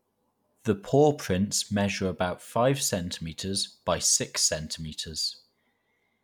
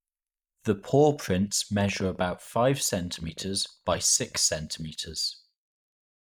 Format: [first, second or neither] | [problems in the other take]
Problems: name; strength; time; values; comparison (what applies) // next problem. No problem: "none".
first | noise reduction (neural mask model Resemble Enhance denoiser)